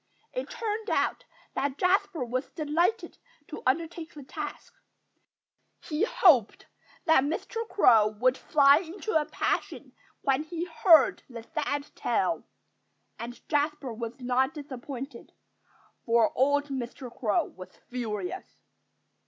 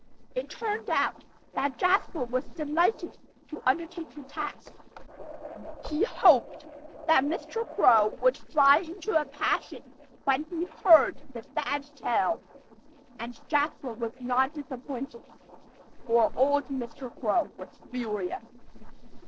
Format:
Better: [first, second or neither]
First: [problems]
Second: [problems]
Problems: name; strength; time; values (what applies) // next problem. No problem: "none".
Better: first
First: none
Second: noise reduction (neural separator model SepFormer DNS4)